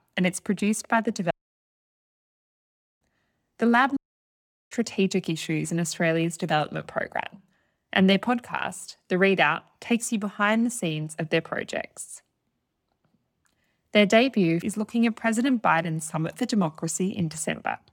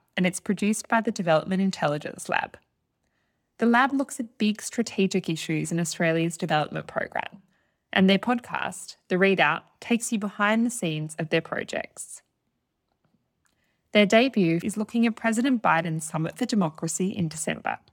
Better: second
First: audio cutting out; at 1.5 s for 1.5 s and at 4 s for 0.5 s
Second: none

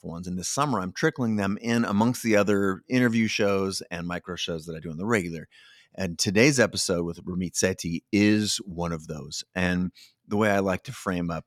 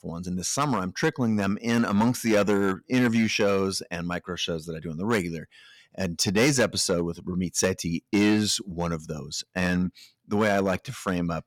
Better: first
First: none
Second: distortion; slight; 4% of the sound clipped

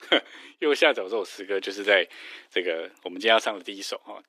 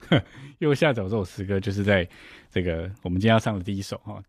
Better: second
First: thin; very; fading below 300 Hz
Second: none

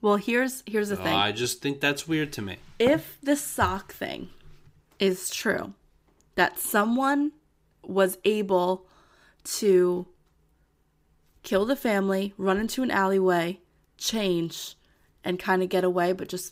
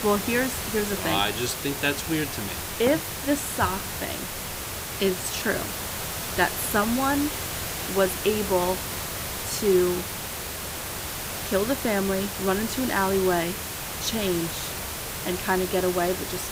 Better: first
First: none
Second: hiss; loud; throughout; 4 dB below the speech

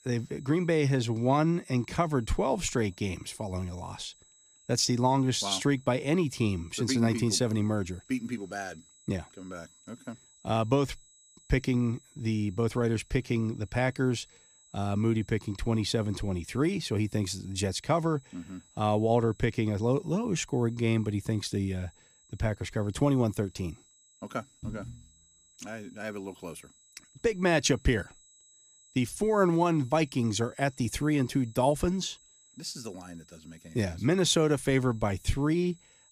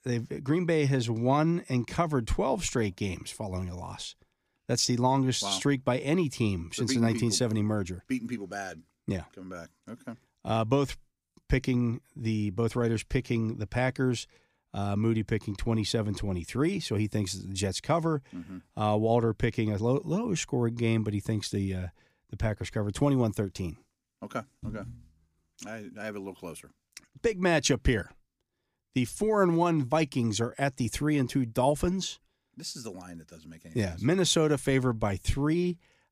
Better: second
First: high-pitched whine; faint; throughout; 7.5 kHz, 30 dB below the speech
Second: none

